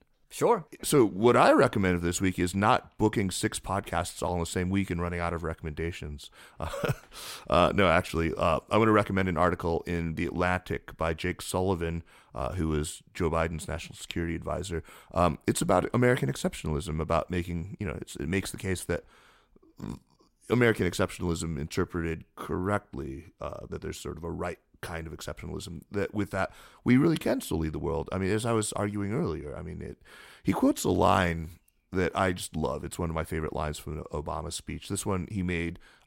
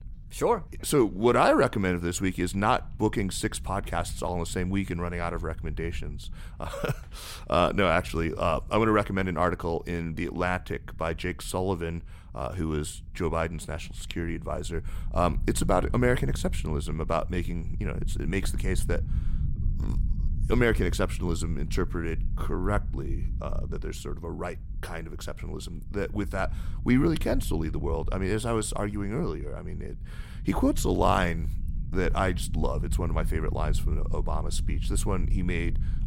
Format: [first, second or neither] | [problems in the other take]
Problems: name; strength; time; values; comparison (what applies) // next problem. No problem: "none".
first | low rumble; faint; throughout; 20 dB below the speech